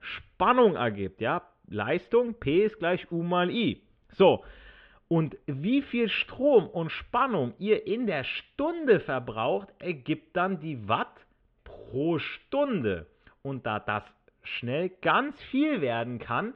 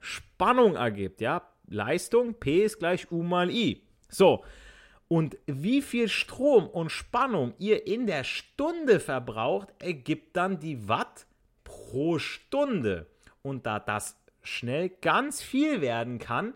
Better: second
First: muffled; very; fading above 3.5 kHz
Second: none

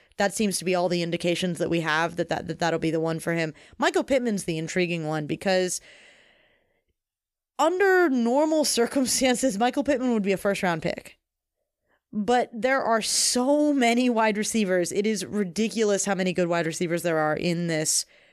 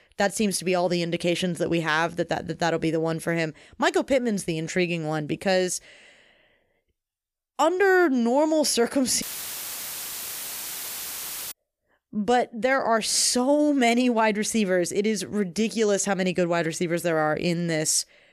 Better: first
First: none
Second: audio cutting out; filled with static; at 9 s for 2.5 s

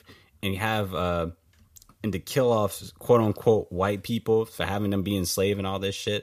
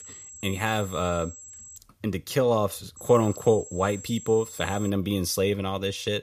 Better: first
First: none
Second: high-pitched whine; noticeable; until 2 s and from 3 to 5 s; 7.5 kHz, 15 dB below the speech

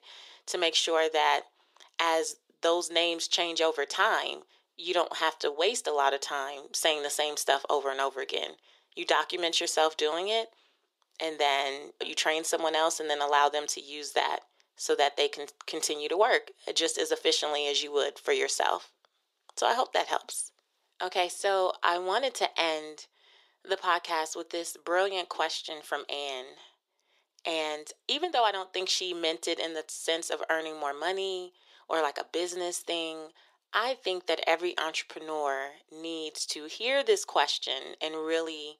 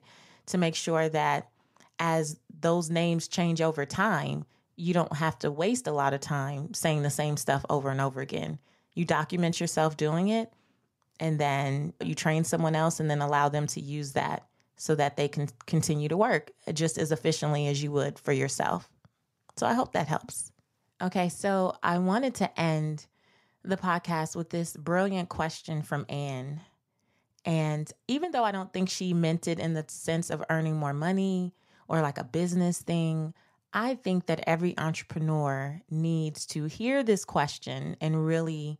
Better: second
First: thin; very; fading below 350 Hz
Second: none

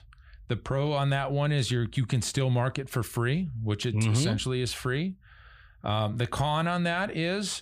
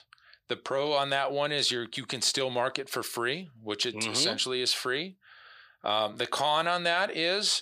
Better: first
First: none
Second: thin; very; fading below 450 Hz

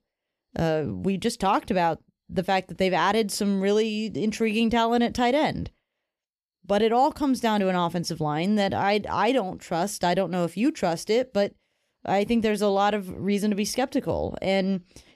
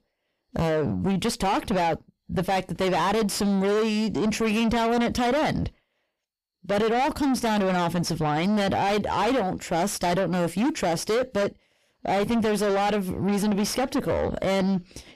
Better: first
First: none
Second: distortion; heavy; 6 dB below the speech

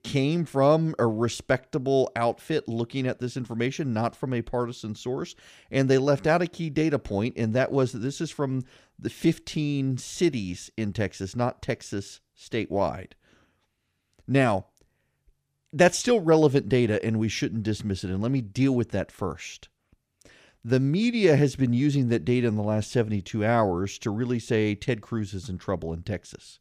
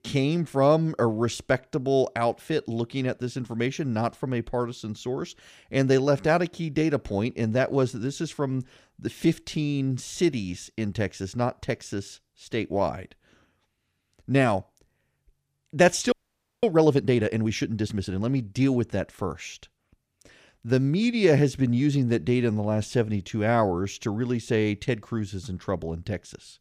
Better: first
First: none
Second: audio freezing; at 16 s for 0.5 s

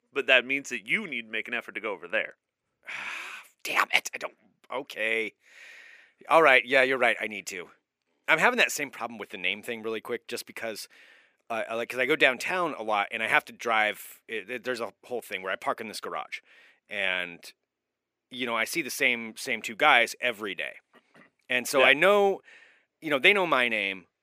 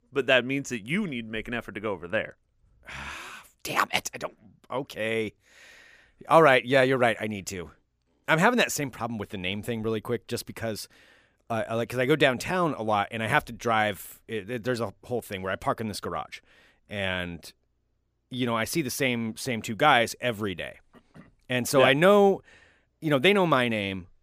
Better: second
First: thin; somewhat; fading below 300 Hz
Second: none

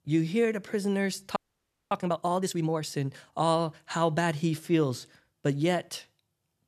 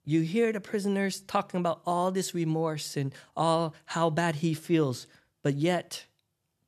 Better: second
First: audio freezing; at 1.5 s for 0.5 s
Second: none

